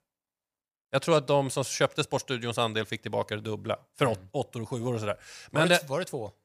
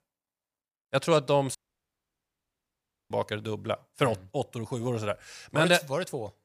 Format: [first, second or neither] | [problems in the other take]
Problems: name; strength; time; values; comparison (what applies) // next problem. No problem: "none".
first | audio cutting out; at 1.5 s for 1.5 s